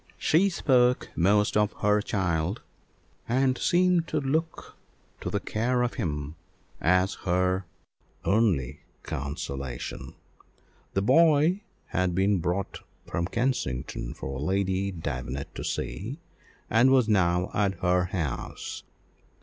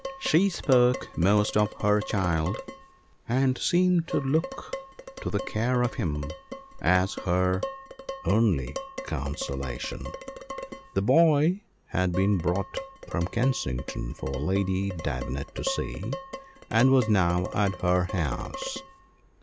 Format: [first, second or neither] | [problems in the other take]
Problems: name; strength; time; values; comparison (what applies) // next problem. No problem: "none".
first | background sound (Dishes, pots, and pans); 13 dB below the speech